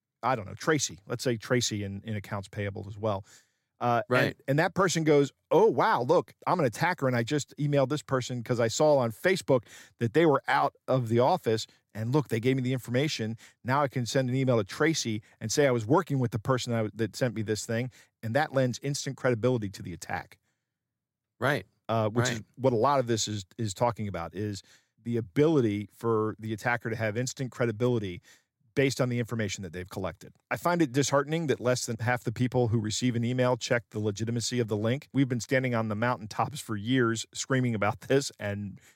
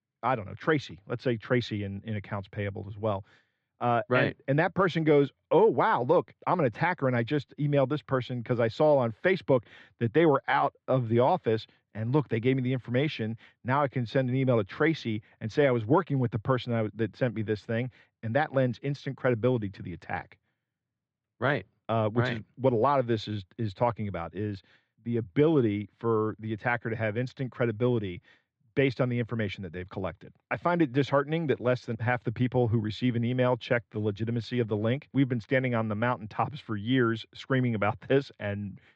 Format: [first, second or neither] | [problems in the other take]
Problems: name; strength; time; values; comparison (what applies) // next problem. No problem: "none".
first | muffled; very; fading above 3 kHz